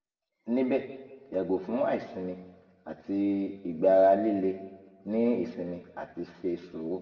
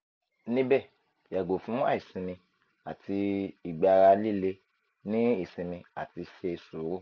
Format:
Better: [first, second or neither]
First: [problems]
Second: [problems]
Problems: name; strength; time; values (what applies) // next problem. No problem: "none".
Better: second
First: room echo; dies away in 1.1 s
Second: none